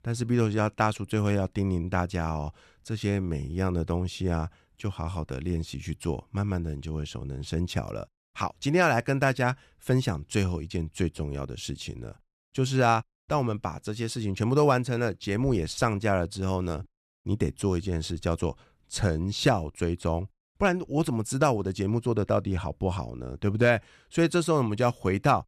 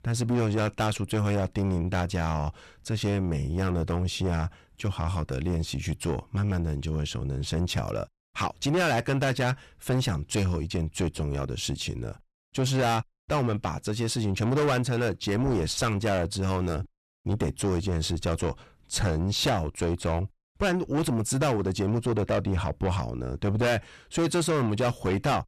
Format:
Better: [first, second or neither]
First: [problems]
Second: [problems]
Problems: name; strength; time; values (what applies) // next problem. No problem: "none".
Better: first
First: none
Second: distortion; heavy; 6 dB below the speech